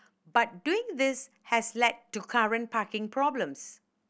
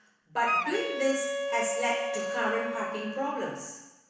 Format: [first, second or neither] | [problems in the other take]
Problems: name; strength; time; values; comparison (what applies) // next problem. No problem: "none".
first | background sound (Wind instrument, woodwind instrument); 1 dB below the speech // room echo; dies away in 1.1 s